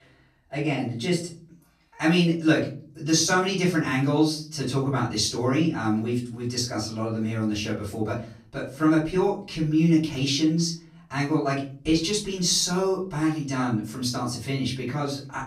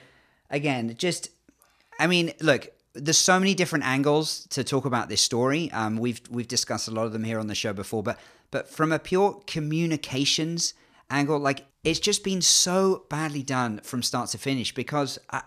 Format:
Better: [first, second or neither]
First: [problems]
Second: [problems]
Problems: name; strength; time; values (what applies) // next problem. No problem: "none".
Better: second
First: off-mic speech; far // room echo; slight; dies away in 0.6 s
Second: none